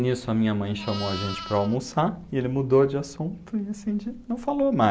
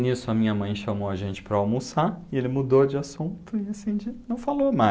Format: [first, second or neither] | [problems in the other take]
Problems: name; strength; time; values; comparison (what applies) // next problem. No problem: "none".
second | background sound (Livestock, farm animals, working animals); 18 dB below the speech